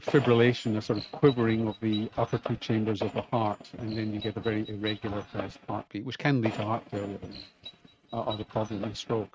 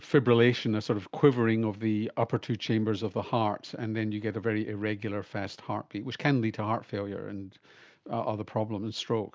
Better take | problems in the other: second | noise reduction (neural mask model RNNoise)

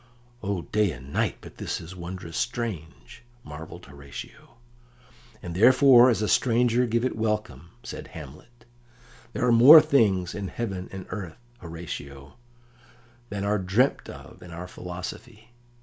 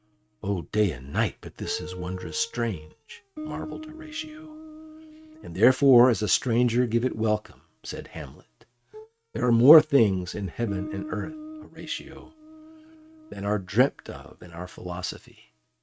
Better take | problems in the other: first | noise reduction (neural mask model RNNoise)

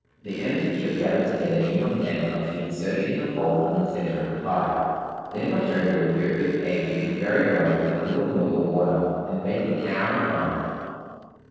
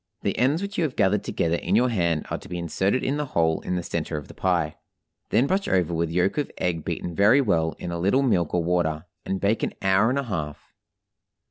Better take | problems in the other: second | noise reduction (neural separator model SepFormer DNS4)

